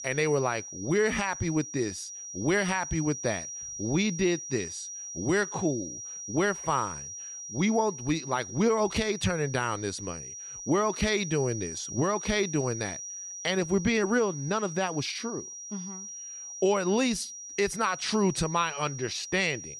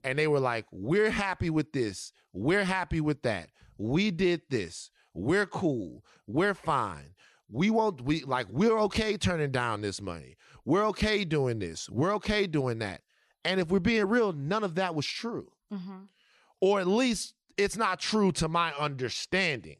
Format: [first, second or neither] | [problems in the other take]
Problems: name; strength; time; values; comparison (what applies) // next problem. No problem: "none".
second | high-pitched whine; loud; throughout; 6 kHz, 9 dB below the speech